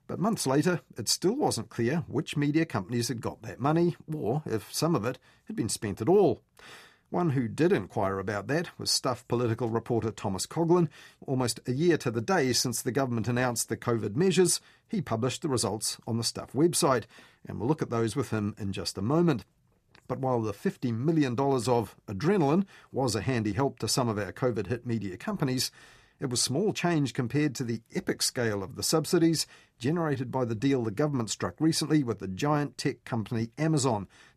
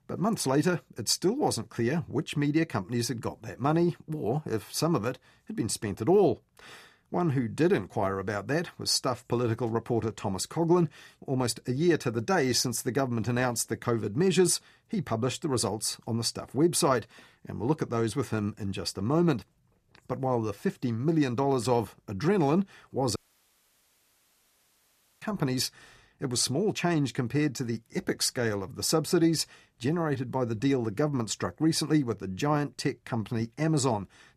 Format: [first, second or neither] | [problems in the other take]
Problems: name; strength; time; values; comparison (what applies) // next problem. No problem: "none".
first | audio cutting out; at 23 s for 2 s